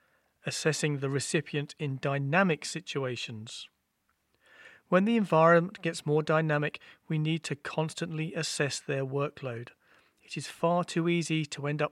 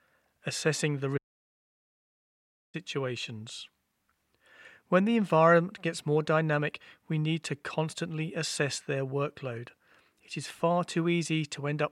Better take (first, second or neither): first